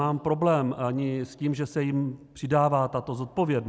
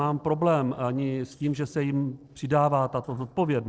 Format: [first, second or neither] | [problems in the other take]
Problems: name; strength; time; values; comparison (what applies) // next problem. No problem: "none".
first | noise reduction (neural separator model SepFormer DNS4)